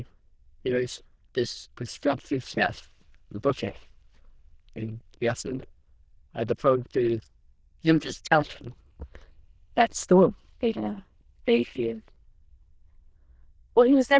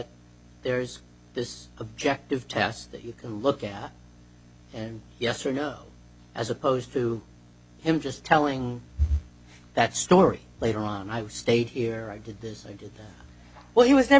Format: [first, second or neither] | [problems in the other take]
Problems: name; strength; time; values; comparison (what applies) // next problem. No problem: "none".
second | noise reduction (neural diffusion model UNIVERSE++)